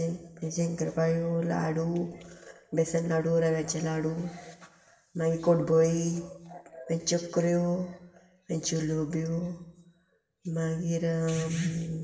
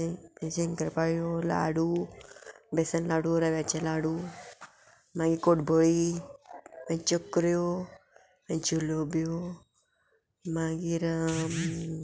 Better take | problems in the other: second | room echo; dies away in 0.9 s

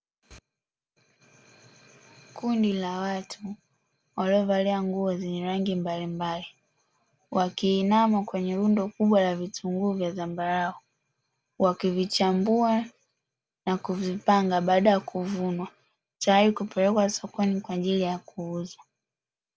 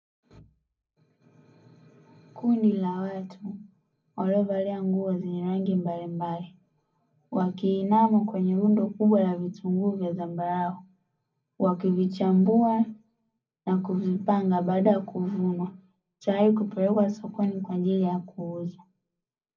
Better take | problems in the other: first | room echo; dies away in 0.4 s

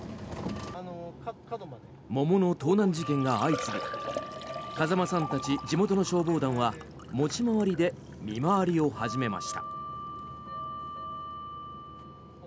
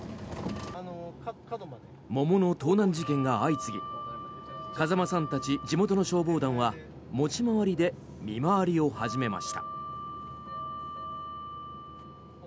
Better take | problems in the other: second | background sound (Liquid); 16 dB below the speech

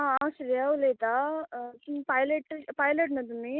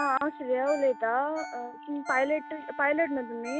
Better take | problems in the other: first | background sound (Ringtone + Wind instrument, woodwind instrument); 13 dB below the speech

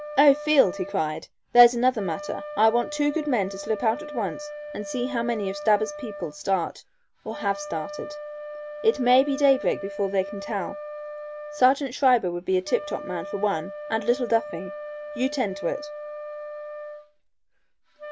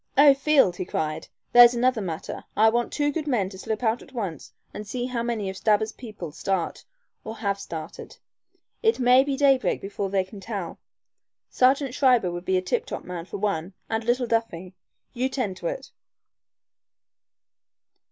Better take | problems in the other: second | background sound (Wind instrument, woodwind instrument); 11 dB below the speech

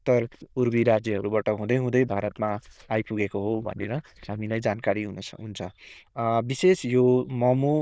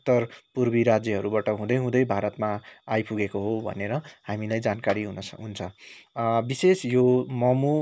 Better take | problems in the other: second | noise reduction (neural diffusion model UNIVERSE++)

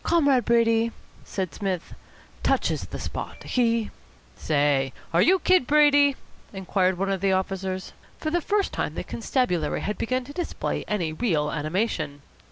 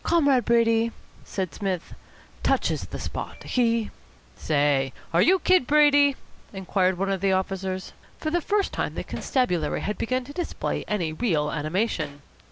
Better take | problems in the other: first | background sound (Hammer); 19 dB below the speech

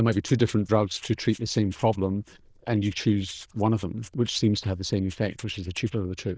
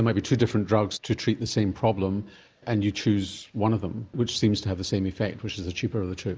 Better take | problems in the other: second | noise reduction (neural diffusion model UNIVERSE++)

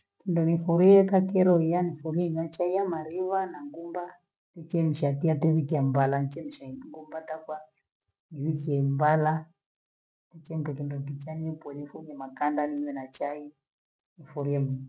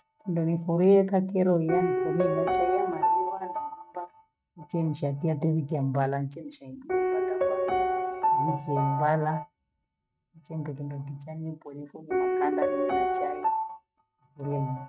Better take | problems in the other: first | noise reduction (neural mask model RNNoise)

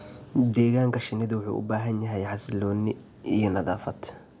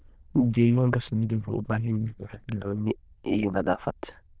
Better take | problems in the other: first | noise reduction (neural diffusion model UNIVERSE++)

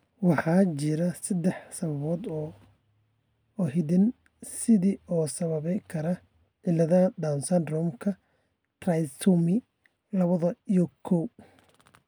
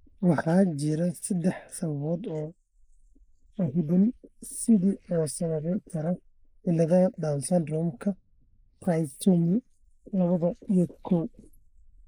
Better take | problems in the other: first | noise reduction (neural mask model Resemble Enhance denoiser)

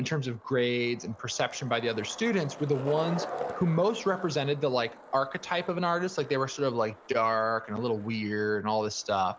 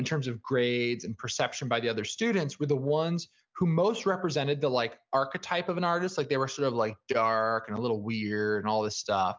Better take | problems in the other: second | background sound (Skateboard); 15 dB below the speech

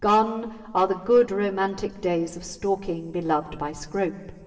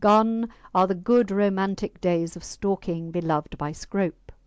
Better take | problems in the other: second | room echo; dies away in 2 s

